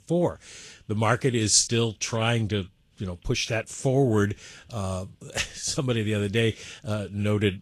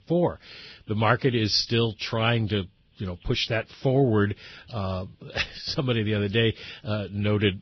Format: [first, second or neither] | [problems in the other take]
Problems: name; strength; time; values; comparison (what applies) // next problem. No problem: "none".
first | garbled, watery; badly; nothing above 5.5 kHz; slightly in the first